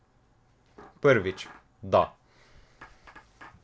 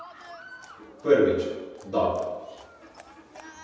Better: first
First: none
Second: background sound (Livestock, farm animals, working animals); 20 dB below the speech // room echo; dies away in 1.1 s

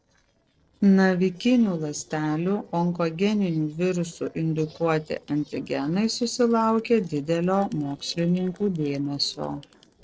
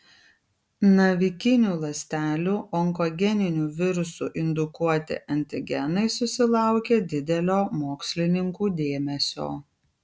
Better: second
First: noise reduction (neural separator model SepFormer DNS4)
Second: none

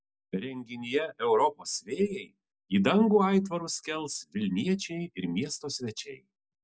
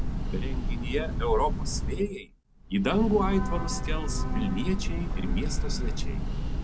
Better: first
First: none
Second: background sound (Train / Breathing); 2 dB above the speech

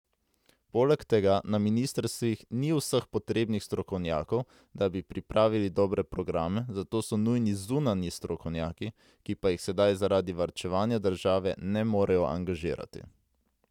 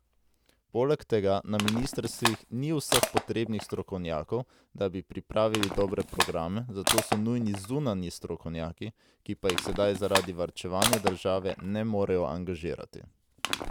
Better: first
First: none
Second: background sound (Crushing); 5 dB below the speech

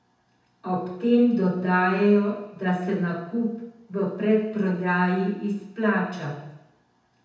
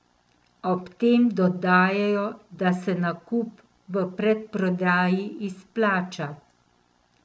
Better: second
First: room echo; dies away in 0.8 s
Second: none

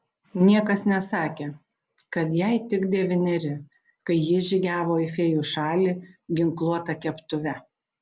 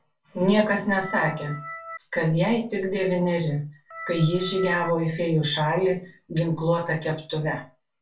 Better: first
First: none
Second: background sound (Organ); 13 dB below the speech // room echo; dies away in 0.2 s

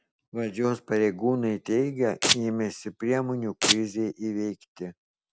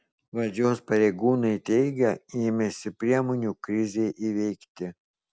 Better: second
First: background sound (Domestic sounds, home sounds); 1 dB above the speech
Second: none

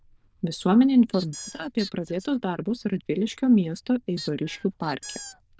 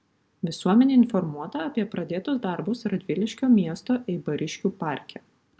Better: second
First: noise reduction (neural diffusion model UNIVERSE++)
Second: none

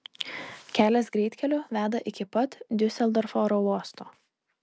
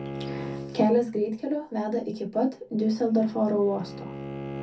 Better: first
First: none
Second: background sound (Bowed string instrument); 12 dB below the speech // room echo; dies away in 0.3 s

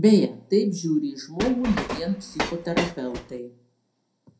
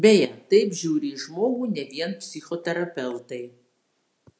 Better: second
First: background sound (Train); 6 dB below the speech // room echo; dies away in 0.2 s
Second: none

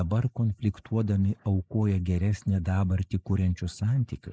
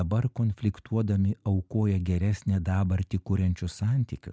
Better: second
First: noise reduction (neural mask model Resemble Enhance denoiser)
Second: none

